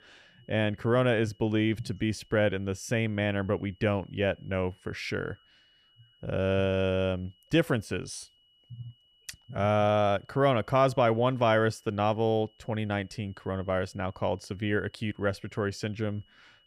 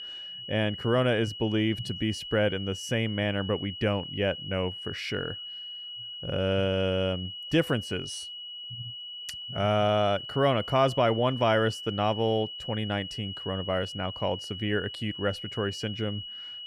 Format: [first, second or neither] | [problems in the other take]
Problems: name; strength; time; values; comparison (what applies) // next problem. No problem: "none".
first | high-pitched whine; loud; throughout; 3 kHz, 9 dB below the speech; faint in the first